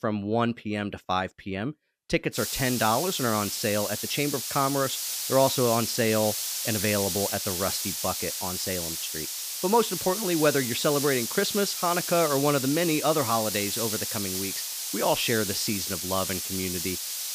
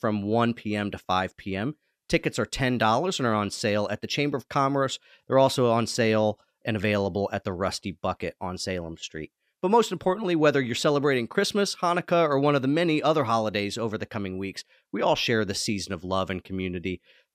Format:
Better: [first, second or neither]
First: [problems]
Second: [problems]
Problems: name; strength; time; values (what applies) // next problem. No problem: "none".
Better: second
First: hiss; loud; from 2.5 s on; 2 dB below the speech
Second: none